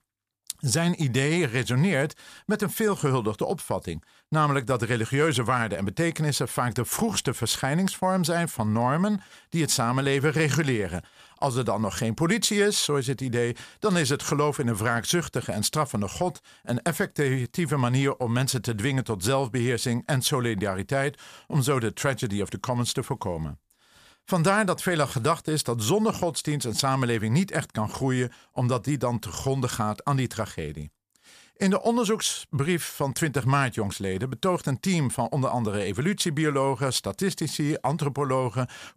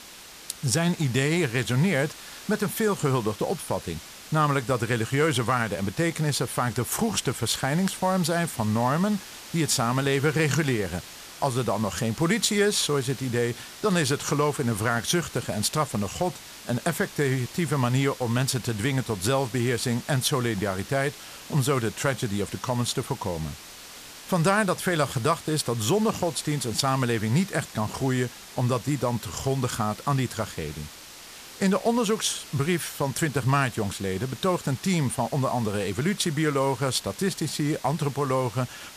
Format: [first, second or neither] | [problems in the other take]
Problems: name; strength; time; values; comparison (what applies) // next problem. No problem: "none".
first | hiss; noticeable; throughout; 15 dB below the speech